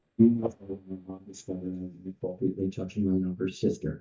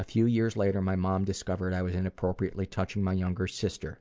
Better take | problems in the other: second | noise reduction (neural mask model DeepFilterNet 3)

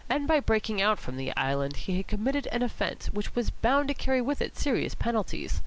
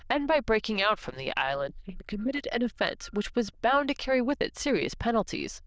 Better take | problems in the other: first | noise reduction (neural diffusion model UNIVERSE++)

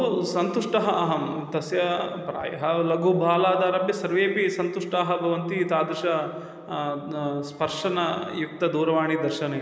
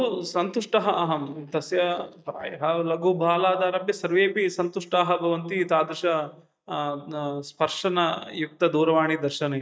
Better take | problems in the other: first | noise reduction (neural mask model DeepFilterNet 3)

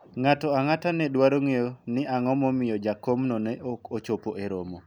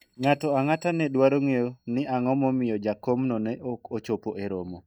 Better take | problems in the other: first | noise reduction (neural mask model DeepFilterNet 3)

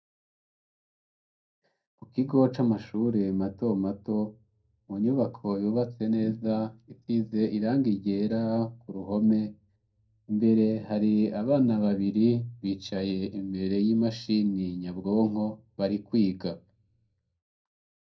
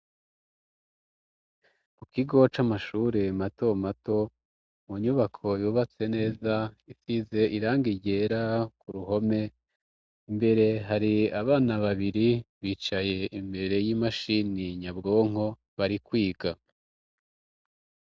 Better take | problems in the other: second | room echo; dies away in 0.2 s

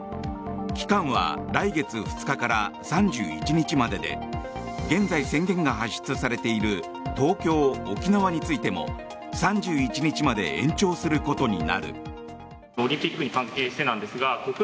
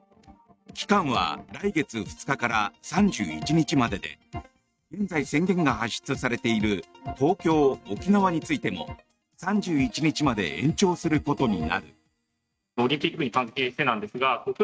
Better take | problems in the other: first | noise reduction (neural mask model RNNoise)

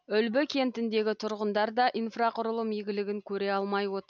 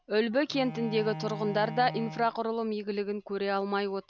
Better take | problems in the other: first | background sound (Bowed string instrument); 13 dB below the speech

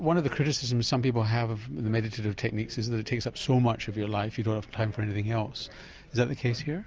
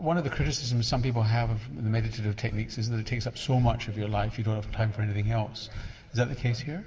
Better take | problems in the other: first | background sound (Breathing); 11 dB below the speech // room echo; dies away in 1.5 s

